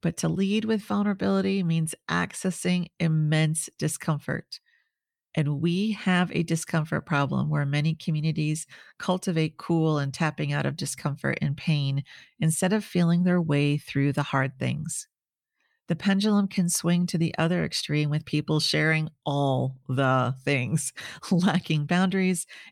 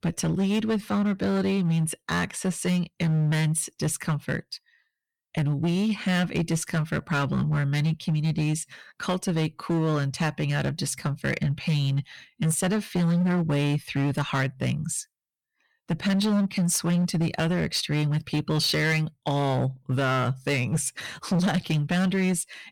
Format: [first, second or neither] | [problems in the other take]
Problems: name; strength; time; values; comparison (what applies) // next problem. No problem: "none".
first | distortion; slight; 13% of the sound clipped